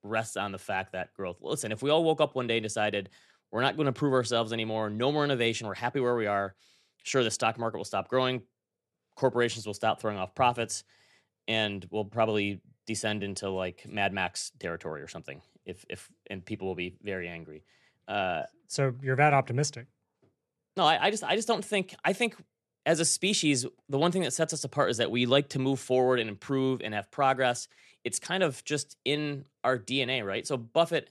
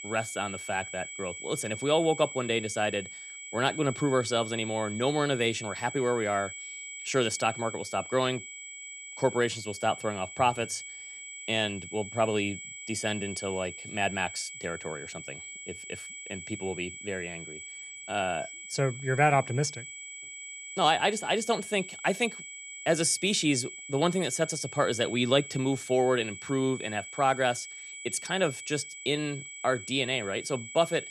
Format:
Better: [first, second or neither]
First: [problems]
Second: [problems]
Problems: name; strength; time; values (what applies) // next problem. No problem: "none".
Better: first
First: none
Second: high-pitched whine; noticeable; throughout; 2.5 kHz, 10 dB below the speech